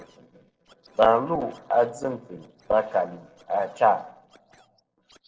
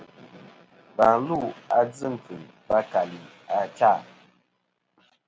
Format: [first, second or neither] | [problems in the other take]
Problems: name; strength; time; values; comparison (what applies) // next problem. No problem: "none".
second | noise reduction (neural separator model SepFormer DNS4)